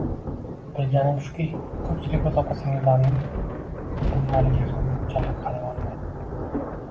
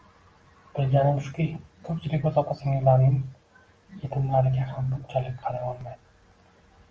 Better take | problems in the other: second | background sound (Thunder); 3 dB below the speech

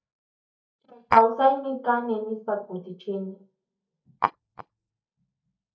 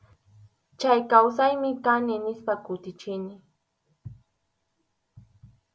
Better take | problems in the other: second | noise reduction (neural mask model DeepFilterNet 3)

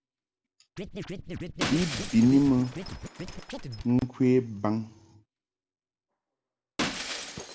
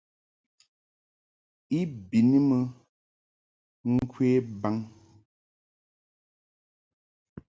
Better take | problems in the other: second | background sound (Shatter + Scratching (performance technique)); 9 dB below the speech

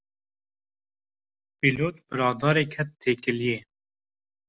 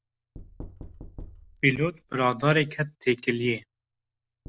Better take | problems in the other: first | background sound (Knock); 19 dB below the speech

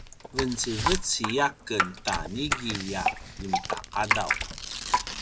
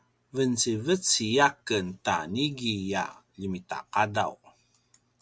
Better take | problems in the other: second | background sound (Tearing + Drip); 1 dB above the speech

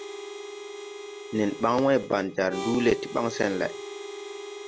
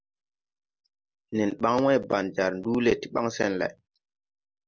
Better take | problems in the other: second | background sound (Harmonica); 10 dB below the speech

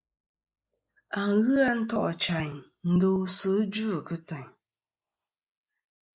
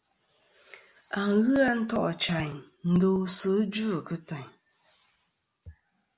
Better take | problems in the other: second | noise reduction (neural mask model Resemble Enhance denoiser)

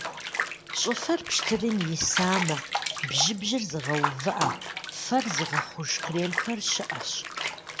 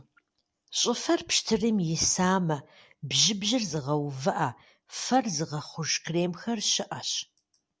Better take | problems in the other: second | background sound (Bathtub (filling or washing) / Water); 3 dB below the speech

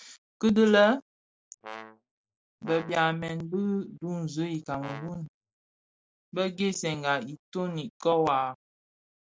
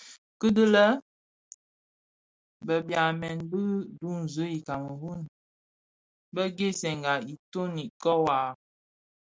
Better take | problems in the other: second | background sound (Brass instrument); 17 dB below the speech

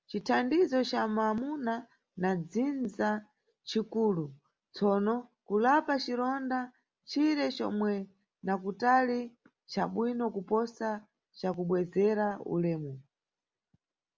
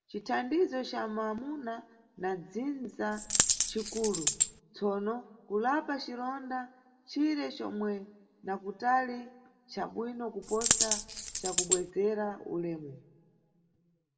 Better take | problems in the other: first | background sound (Coin (dropping)); 5 dB above the speech // room echo; dies away in 0.9 s

